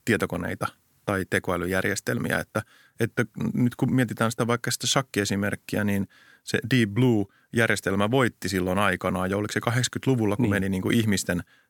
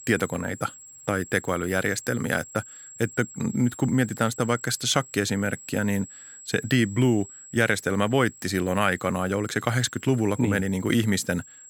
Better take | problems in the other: first | high-pitched whine; noticeable; throughout; 7.5 kHz, 15 dB below the speech

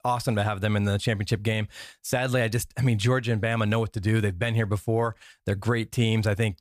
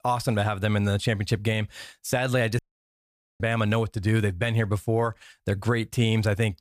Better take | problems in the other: first | audio cutting out; at 2.5 s for 1 s

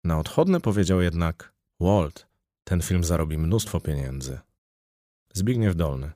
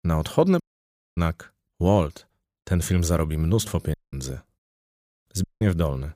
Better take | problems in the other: first | audio cutting out; at 0.5 s for 0.5 s, at 4 s and at 5.5 s

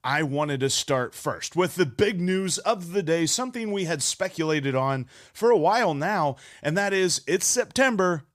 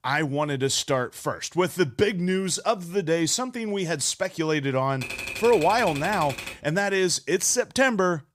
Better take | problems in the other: first | keyboard typing; noticeable; from 5 to 6.5 s; peak 7 dB below the speech

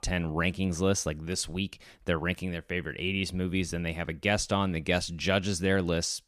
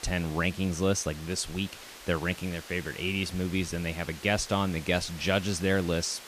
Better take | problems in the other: first | hiss; noticeable; throughout; 15 dB below the speech

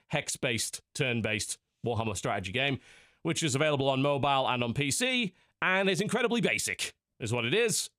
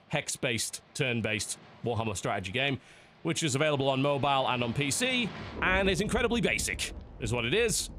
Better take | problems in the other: first | rain or running water; noticeable; throughout; 15 dB below the speech

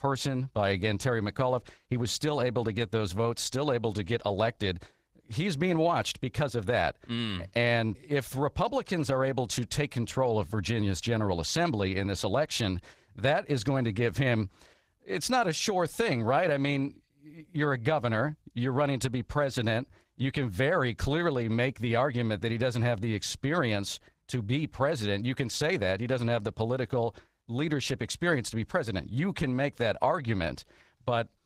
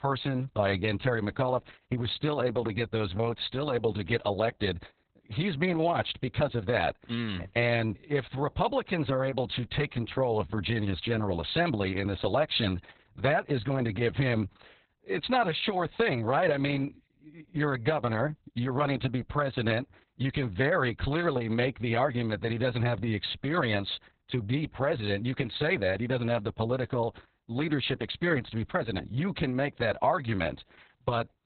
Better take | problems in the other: first | garbled, watery; badly; nothing above 4 kHz; slightly in the first

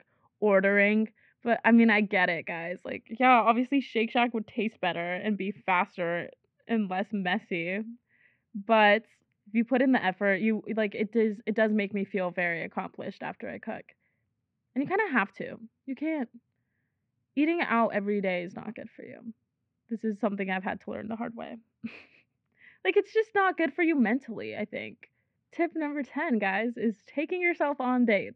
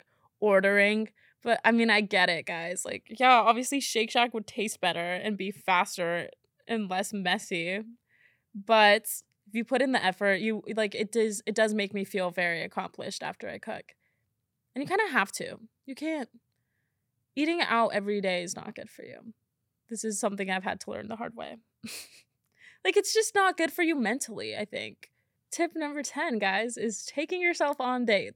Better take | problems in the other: second | muffled; very; fading above 2.5 kHz

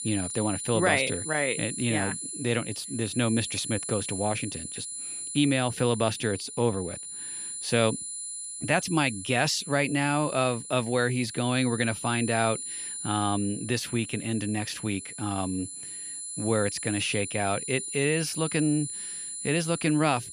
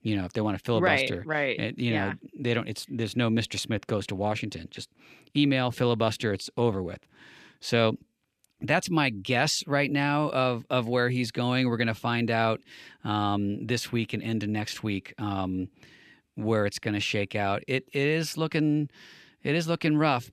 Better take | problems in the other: second | high-pitched whine; loud; throughout; 9.5 kHz, 7 dB below the speech

